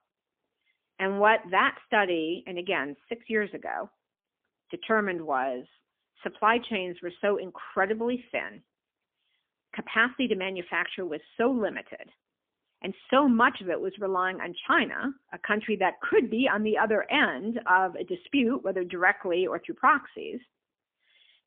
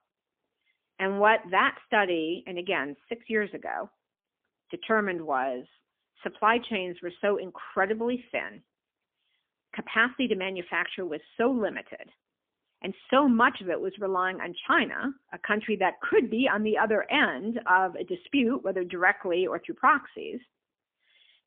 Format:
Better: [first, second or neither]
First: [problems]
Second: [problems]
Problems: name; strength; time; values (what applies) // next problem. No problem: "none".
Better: neither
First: phone-call audio; poor line; nothing above 3.5 kHz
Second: phone-call audio; poor line; nothing above 3.5 kHz